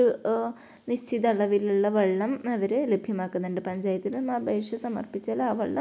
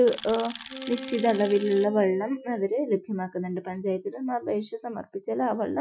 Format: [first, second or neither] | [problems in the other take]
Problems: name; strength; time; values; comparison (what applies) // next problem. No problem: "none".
first | noise reduction (classical method Wiener filter)